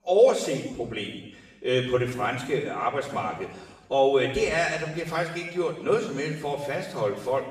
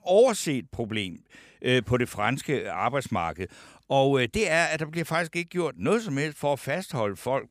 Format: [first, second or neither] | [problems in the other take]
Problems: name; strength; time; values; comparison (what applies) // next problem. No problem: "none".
second | room echo; noticeable; dies away in 0.9 s // off-mic speech; far